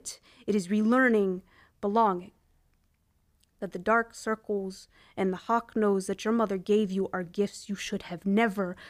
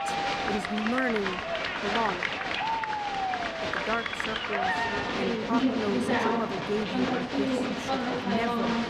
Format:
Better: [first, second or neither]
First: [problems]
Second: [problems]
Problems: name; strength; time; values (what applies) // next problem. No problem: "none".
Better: first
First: none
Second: crowd noise; very loud; throughout; 4 dB above the speech